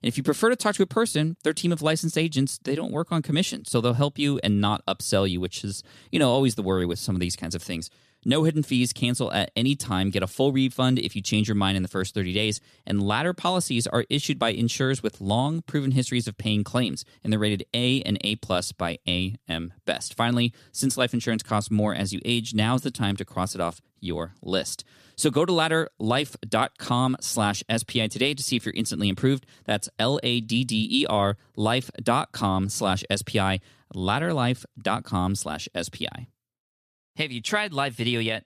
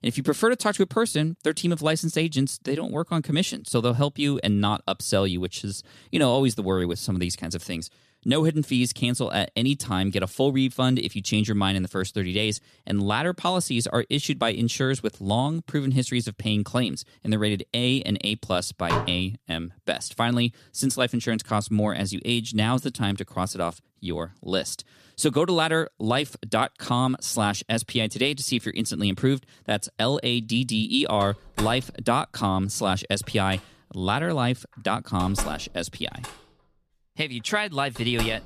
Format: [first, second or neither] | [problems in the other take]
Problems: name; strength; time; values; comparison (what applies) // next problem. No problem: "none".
first | clattering dishes; noticeable; at 19 s; peak 3 dB below the speech // door banging; noticeable; from 31 s on; peak 8 dB below the speech